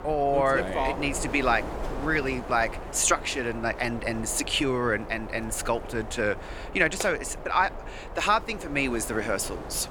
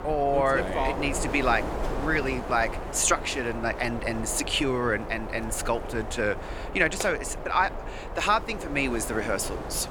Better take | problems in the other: first | wind noise on the microphone; heavy; 10 dB below the speech; occasional gusts in the first

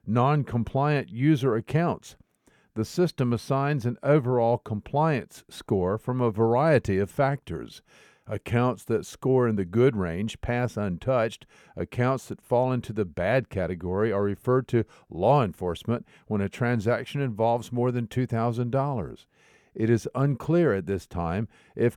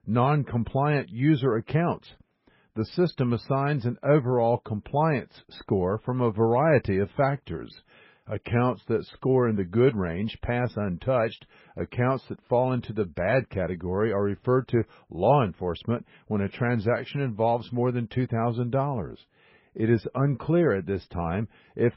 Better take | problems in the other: first | garbled, watery; badly; nothing above 5.5 kHz

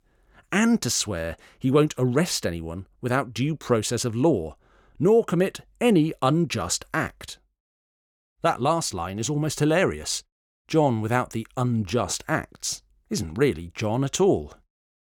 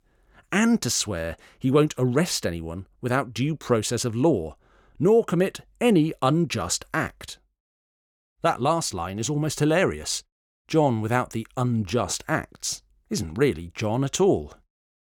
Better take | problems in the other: neither | none

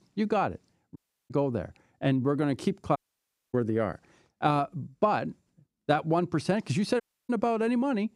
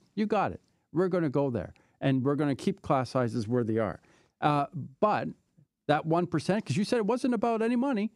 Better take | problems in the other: second | audio cutting out; at 1 s, at 3 s for 0.5 s and at 7 s

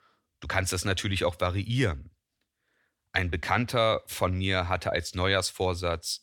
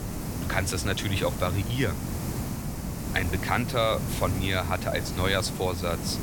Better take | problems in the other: first | hiss; loud; throughout; 4 dB below the speech

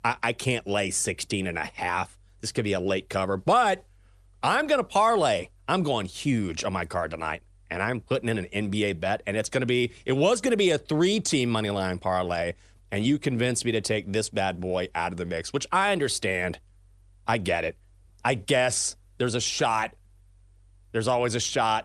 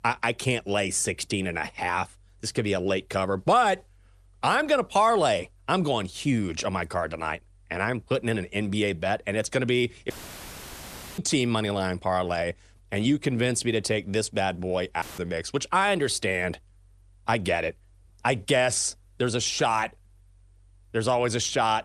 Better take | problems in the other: first | audio cutting out; filled with static; at 10 s for 1 s and at 15 s

